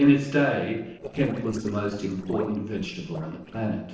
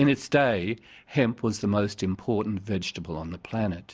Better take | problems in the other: second | noise reduction (neural separator model SepFormer DNS4)

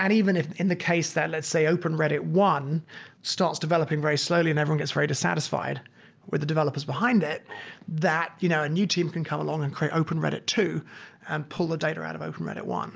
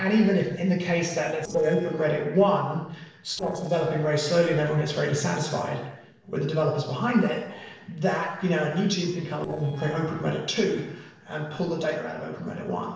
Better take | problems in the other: first | noise reduction (neural separator model SepFormer DNS4)

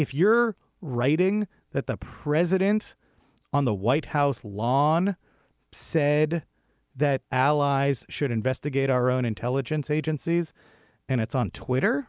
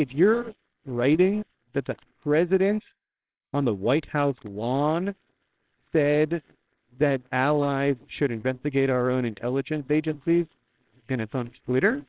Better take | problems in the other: first | noise reduction (neural separator model SepFormer WHAMR!)

